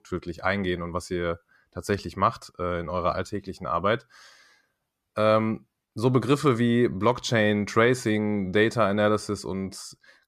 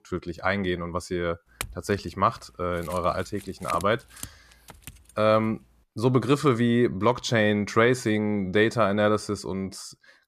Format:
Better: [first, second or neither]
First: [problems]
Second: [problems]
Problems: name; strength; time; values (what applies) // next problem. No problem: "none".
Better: first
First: none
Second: clattering dishes; faint; from 1.5 to 5 s; peak 10 dB below the speech